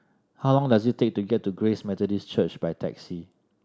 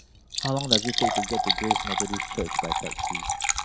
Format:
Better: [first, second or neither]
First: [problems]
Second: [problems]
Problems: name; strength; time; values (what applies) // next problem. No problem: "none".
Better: first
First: none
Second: background sound (Liquid); 4 dB above the speech